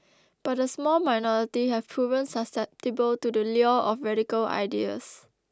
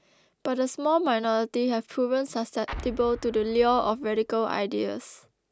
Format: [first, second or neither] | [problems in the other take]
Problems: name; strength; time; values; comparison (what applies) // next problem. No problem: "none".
first | background sound (Explosion); 15 dB below the speech